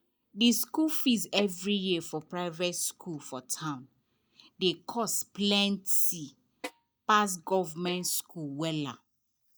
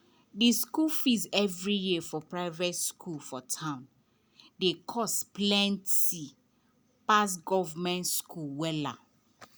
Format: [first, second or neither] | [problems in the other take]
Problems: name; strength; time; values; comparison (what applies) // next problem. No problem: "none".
second | noise reduction (neural mask model DeepFilterNet 3)